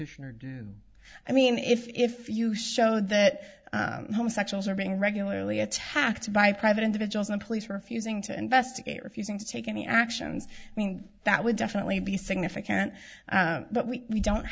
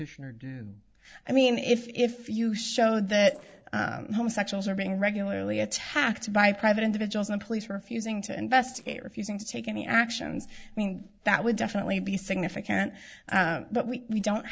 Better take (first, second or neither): first